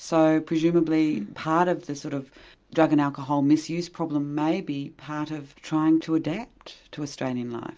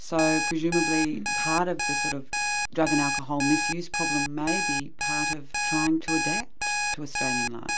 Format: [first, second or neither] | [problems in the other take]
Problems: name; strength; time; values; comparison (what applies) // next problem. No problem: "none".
first | background sound (Alarm); 1 dB above the speech